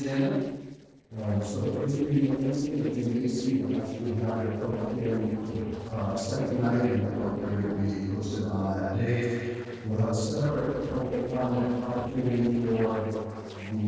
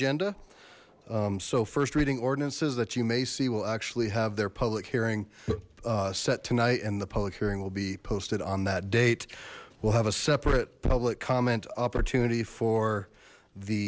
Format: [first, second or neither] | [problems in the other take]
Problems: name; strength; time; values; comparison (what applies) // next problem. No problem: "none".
second | noise reduction (neural separator model SepFormer DNS4)